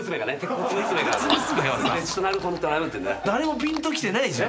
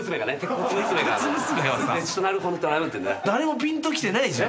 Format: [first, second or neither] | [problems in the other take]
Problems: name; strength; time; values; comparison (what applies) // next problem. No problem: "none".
second | background sound (Chewing, mastication / Cough); 8 dB below the speech